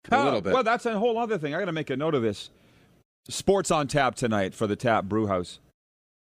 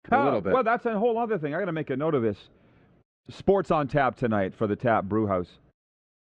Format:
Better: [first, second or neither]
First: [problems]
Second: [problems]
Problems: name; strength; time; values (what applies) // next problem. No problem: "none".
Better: first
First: none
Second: muffled; very; fading above 2 kHz